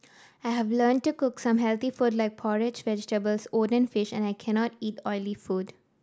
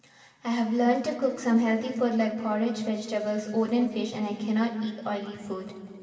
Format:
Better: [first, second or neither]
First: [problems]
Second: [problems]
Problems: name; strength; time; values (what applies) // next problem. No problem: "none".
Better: first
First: none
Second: room echo; dies away in 2.4 s